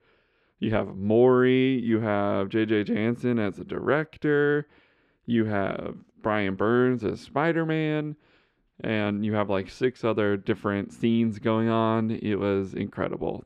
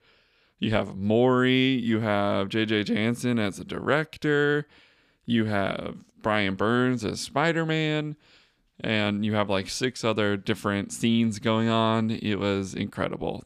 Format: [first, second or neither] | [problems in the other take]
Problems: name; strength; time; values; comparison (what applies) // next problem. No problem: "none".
second | muffled; slightly; fading above 3.5 kHz